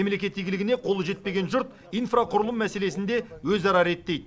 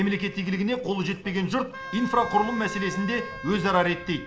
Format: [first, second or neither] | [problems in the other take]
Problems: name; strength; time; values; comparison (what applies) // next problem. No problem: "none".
first | background sound (Wind instrument, woodwind instrument); 13 dB below the speech // room echo; dies away in 0.5 s